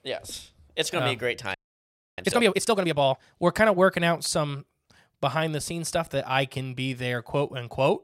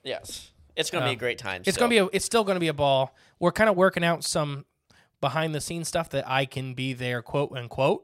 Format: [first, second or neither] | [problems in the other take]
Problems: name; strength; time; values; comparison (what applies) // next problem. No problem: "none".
second | audio freezing; at 1.5 s for 0.5 s